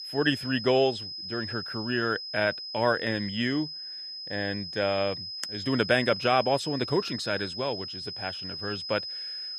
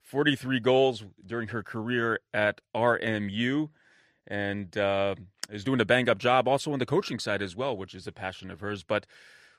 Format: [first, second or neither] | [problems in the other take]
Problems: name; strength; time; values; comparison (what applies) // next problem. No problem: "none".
second | high-pitched whine; loud; throughout; 5 kHz, 6 dB below the speech